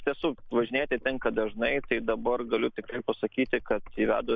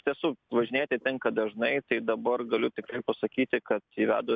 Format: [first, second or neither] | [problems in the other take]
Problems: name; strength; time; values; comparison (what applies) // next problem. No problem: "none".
second | noise reduction (neural mask model Resemble Enhance denoiser)